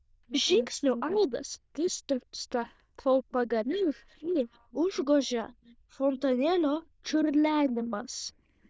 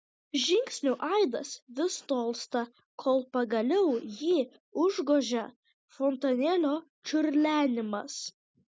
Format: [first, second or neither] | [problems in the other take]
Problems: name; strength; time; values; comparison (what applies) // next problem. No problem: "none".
second | noise reduction (neural diffusion model UNIVERSE++)